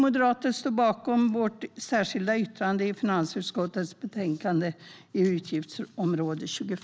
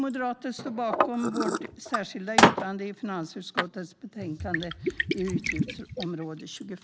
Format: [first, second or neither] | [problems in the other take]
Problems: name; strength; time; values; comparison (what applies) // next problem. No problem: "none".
first | background sound (Liquid); 4 dB above the speech